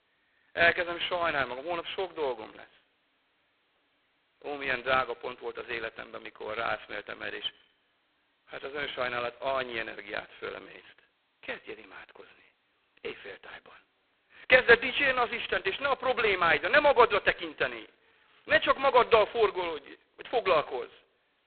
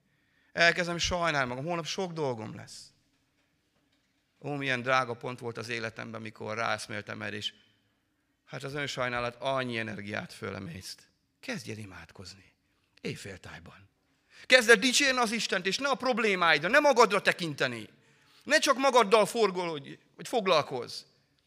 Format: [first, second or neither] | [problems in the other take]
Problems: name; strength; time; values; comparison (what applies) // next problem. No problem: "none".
second | phone-call audio; poor line; nothing above 4 kHz